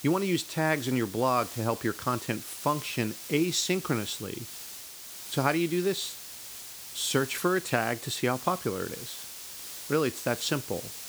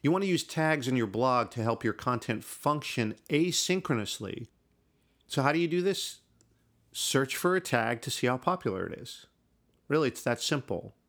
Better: second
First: hiss; noticeable; throughout; 10 dB below the speech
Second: none

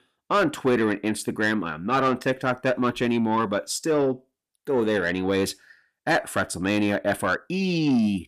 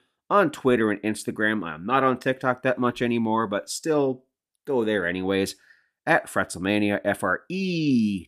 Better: second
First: distortion; slight; 10 dB below the speech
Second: none

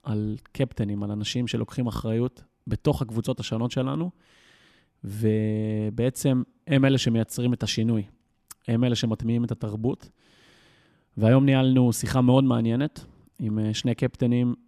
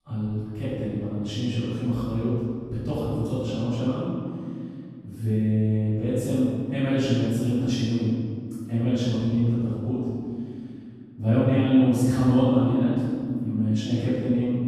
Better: first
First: none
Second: off-mic speech; far // room echo; strong; dies away in 2.4 s

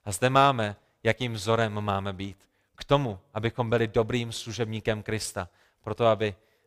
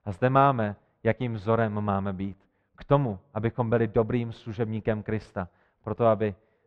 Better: first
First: none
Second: muffled; very; fading above 1.5 kHz

